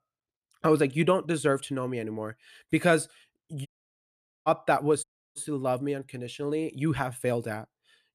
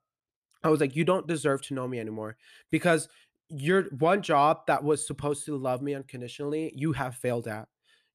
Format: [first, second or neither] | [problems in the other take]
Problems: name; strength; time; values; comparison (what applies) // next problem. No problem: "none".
second | audio cutting out; at 3.5 s for 1 s and at 5 s